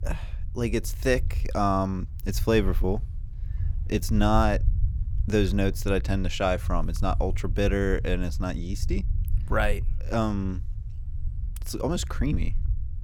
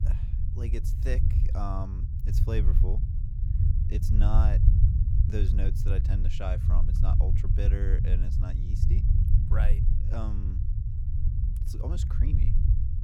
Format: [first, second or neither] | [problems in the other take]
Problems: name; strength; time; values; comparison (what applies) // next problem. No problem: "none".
first | low rumble; loud; throughout; 2 dB below the speech; faint in the first